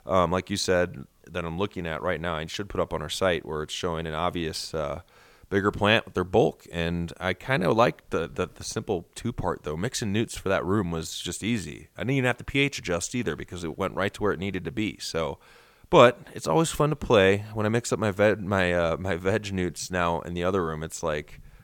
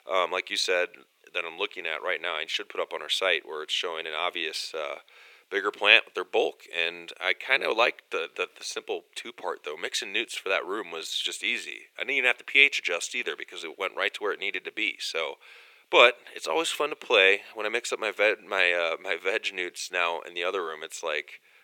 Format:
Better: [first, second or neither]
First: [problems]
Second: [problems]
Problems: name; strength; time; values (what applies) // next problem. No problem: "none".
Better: first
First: none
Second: thin; very; fading below 400 Hz